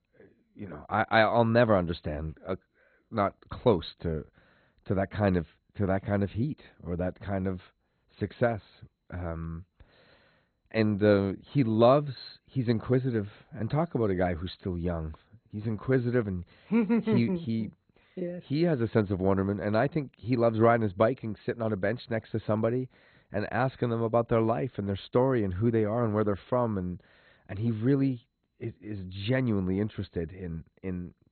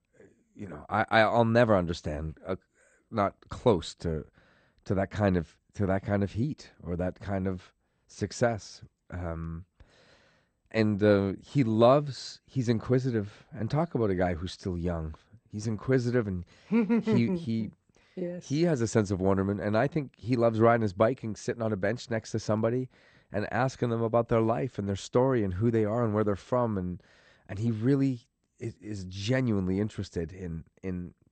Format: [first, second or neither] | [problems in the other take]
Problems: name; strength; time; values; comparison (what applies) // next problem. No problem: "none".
second | garbled, watery; badly; nothing above 4 kHz; slightly in the second